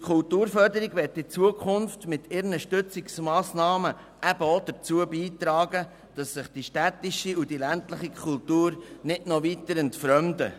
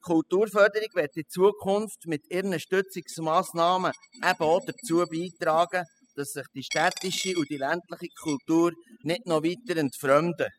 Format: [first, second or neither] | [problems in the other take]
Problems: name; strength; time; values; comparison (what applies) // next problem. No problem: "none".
first | noise reduction (classical method spectral subtraction)